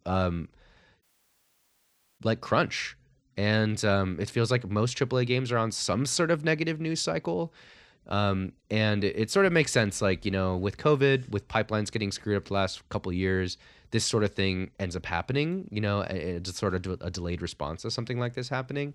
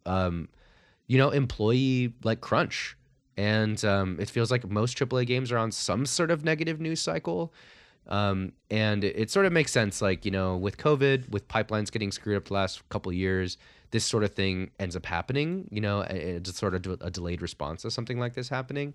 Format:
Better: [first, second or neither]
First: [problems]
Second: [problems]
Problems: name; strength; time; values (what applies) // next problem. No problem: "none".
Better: second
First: audio cutting out; at 1 s for 1 s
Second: none